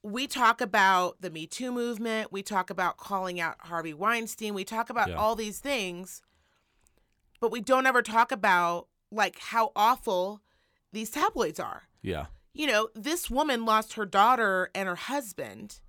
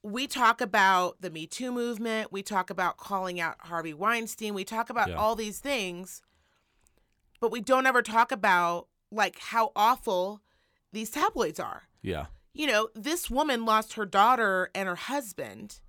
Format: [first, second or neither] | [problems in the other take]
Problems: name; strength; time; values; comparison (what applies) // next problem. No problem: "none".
neither | none